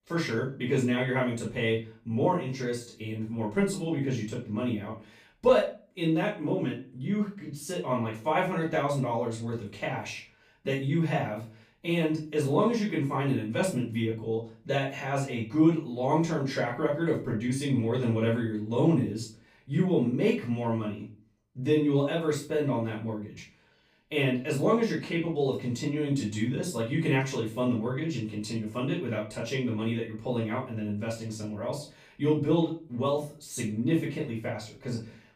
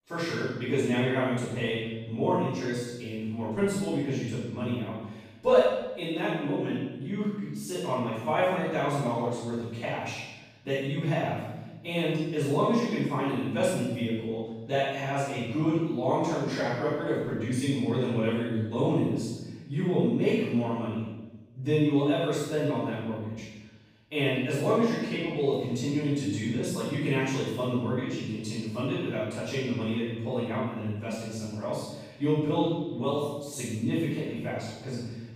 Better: first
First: room echo; slight; dies away in 0.3 s // off-mic speech; far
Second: room echo; strong; dies away in 1 s // off-mic speech; far

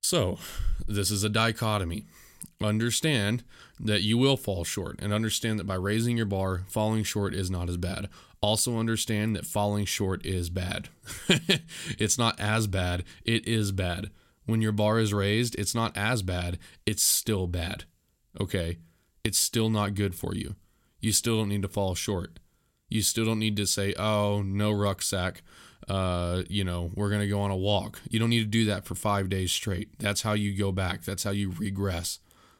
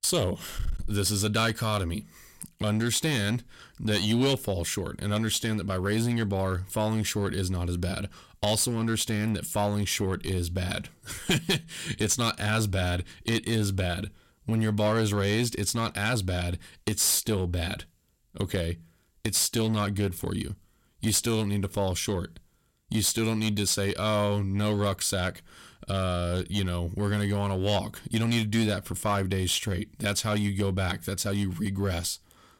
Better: first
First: none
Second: distortion; slight; 5% of the sound clipped

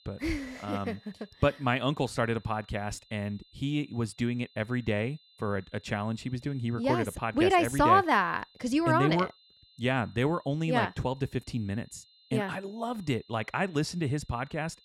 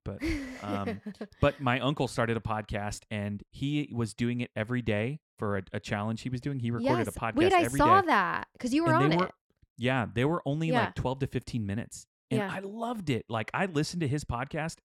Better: second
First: high-pitched whine; faint; throughout; 4 kHz, 30 dB below the speech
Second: none

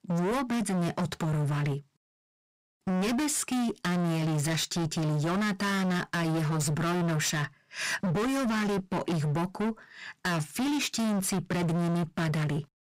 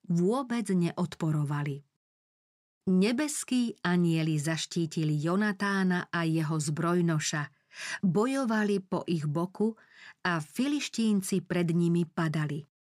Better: second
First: distortion; heavy; 40% of the sound clipped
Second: none

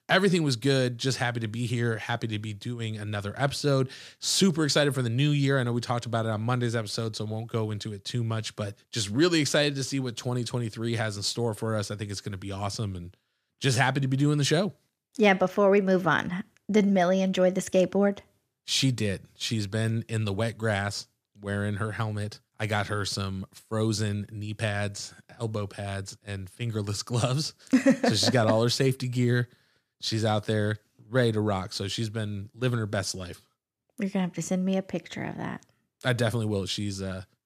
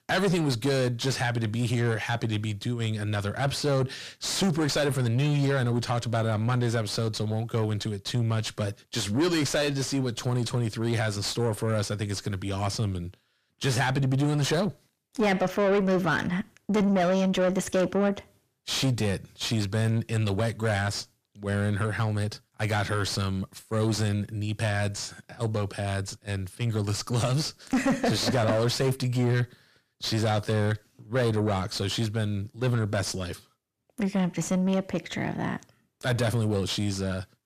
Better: first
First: none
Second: distortion; heavy; 7 dB below the speech

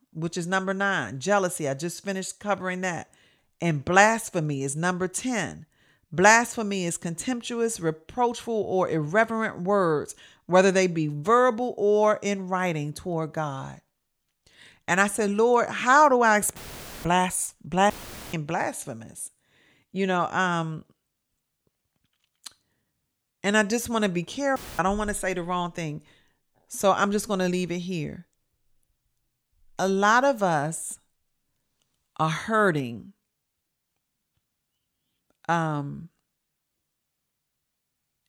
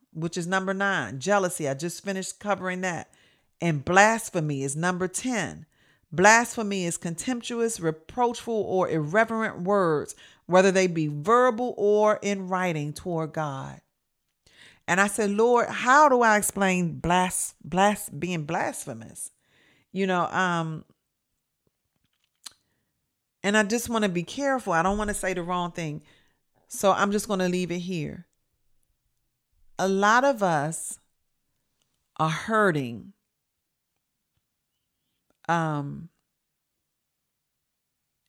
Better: second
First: audio cutting out; filled with static; at 17 s, at 18 s and at 25 s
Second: none

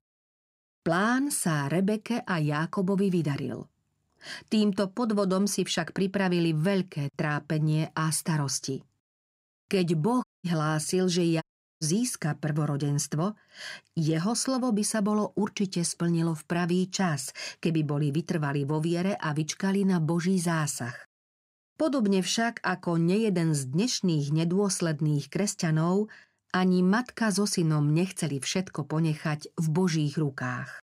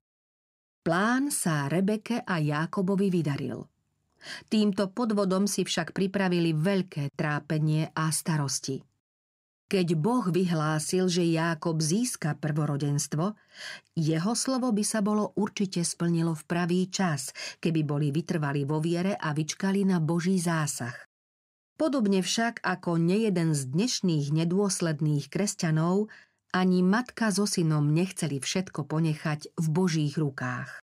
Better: second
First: audio cutting out; at 10 s and at 11 s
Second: none

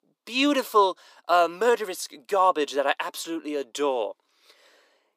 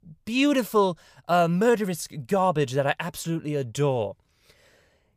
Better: second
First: thin; somewhat; fading below 300 Hz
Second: none

